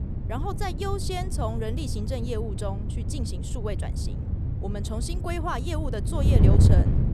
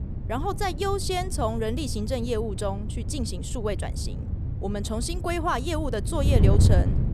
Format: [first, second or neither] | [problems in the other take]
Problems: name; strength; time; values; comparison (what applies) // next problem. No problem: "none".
second | wind noise on the microphone; heavy; 4 dB below the speech; occasional gusts in the second